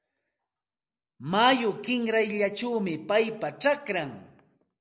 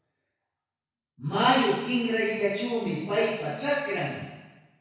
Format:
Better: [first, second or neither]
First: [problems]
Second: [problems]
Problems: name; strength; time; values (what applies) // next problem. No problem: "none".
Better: first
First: none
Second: room echo; dies away in 1.1 s